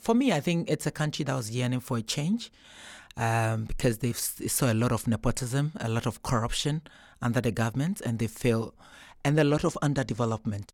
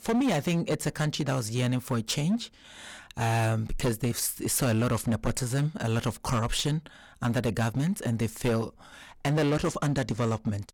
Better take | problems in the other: first | distortion; slight; 11% of the sound clipped

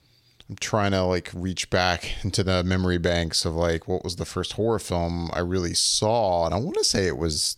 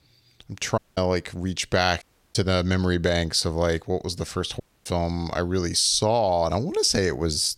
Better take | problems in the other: first | audio cutting out; at 1 s, at 2 s and at 4.5 s

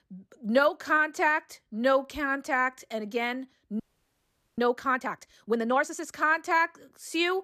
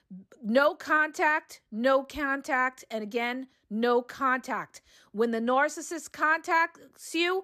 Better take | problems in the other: second | audio freezing; at 4 s for 1 s

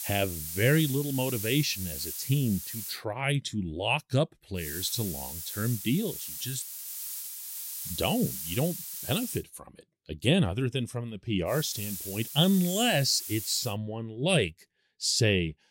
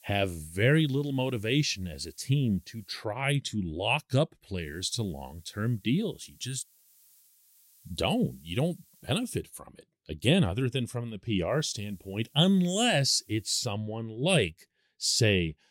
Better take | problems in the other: second | hiss; loud; until 3 s, from 4.5 to 9.5 s and from 12 to 14 s; 7 dB below the speech; faint in the second

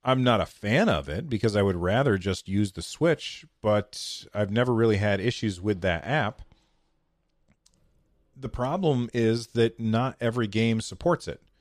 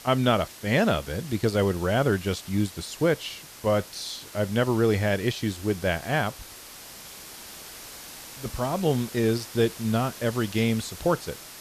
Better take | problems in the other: first | hiss; noticeable; throughout; 15 dB below the speech

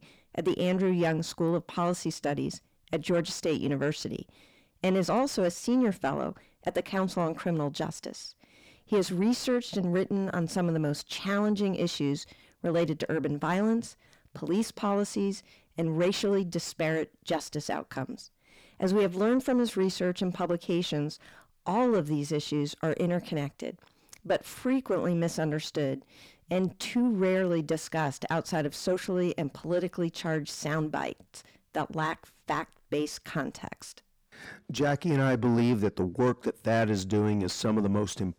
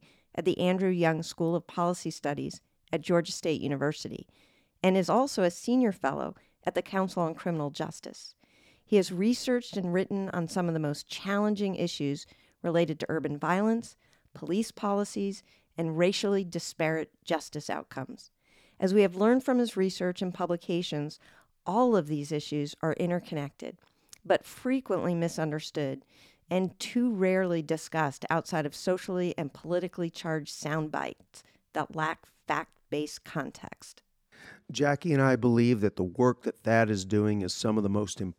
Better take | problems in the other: second | distortion; slight; 10 dB below the speech

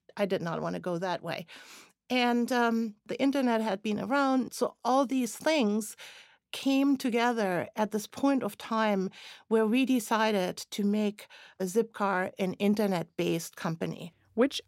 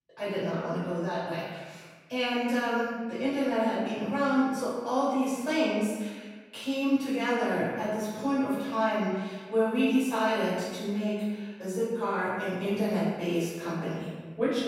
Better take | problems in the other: first | room echo; strong; dies away in 1.3 s // off-mic speech; far

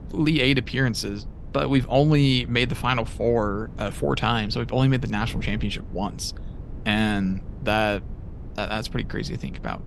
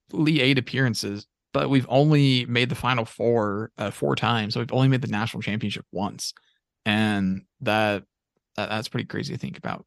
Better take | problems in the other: second | wind noise on the microphone; occasional gusts; 25 dB below the speech

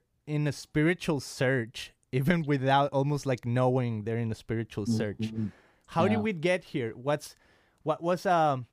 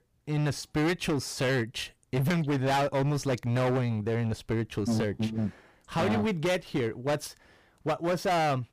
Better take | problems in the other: first | distortion; heavy; 19% of the sound clipped

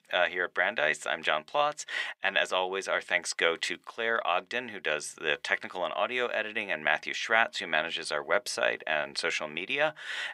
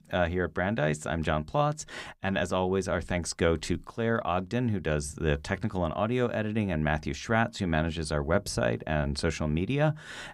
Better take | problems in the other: second | thin; very; fading below 600 Hz

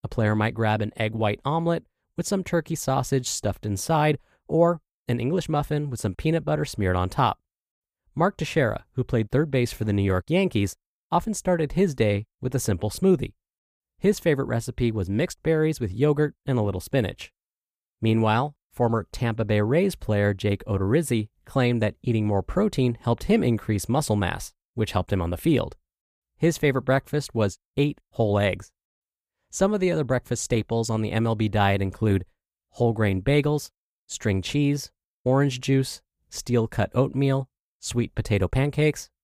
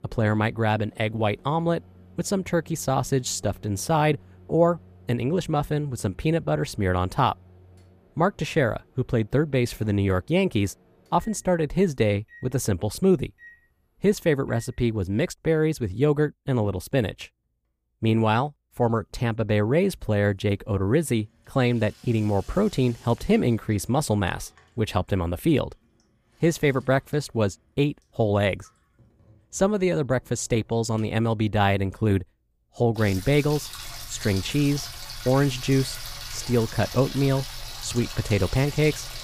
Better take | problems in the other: first | household noises; noticeable; throughout; 15 dB below the speech

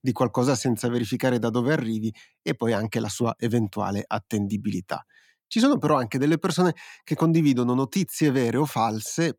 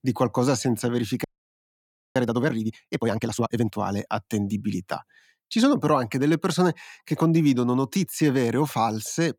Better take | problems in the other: first | audio freezing; at 1 s for 1 s

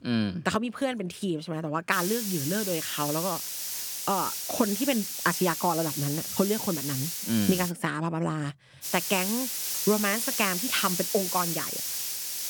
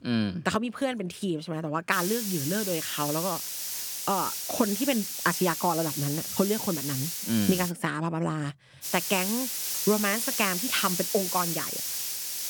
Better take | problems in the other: neither | hiss; loud; from 2 to 7.5 s and from 9 s on; 1 dB below the speech; the same in both

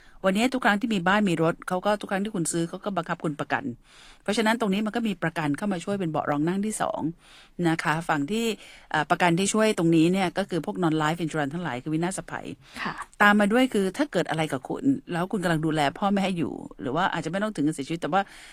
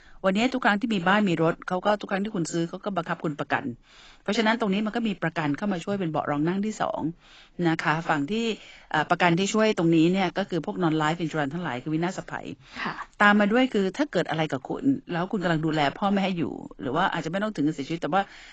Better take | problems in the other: first | garbled, watery; badly; nothing above 7.5 kHz; slightly in the first

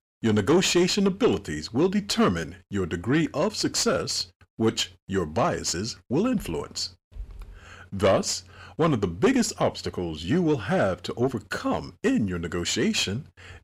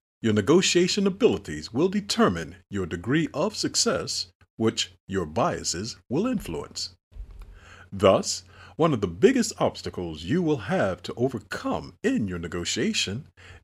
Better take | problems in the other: second | distortion; slight; 10 dB below the speech

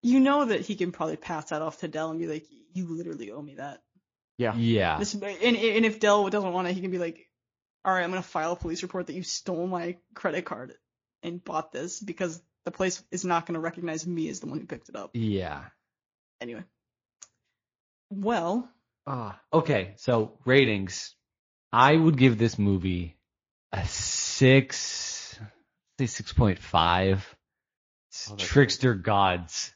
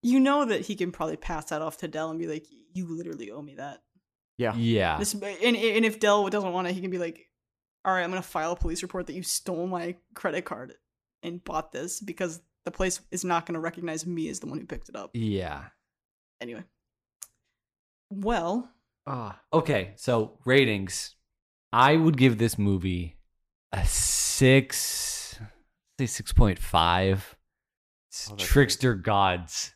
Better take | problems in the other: second | garbled, watery; slightly

